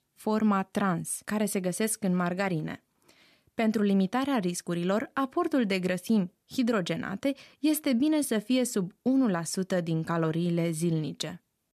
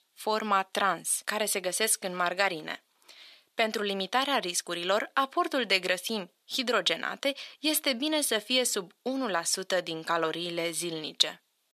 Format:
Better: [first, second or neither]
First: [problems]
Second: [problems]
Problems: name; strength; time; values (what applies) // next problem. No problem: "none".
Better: first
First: none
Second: thin; somewhat; fading below 550 Hz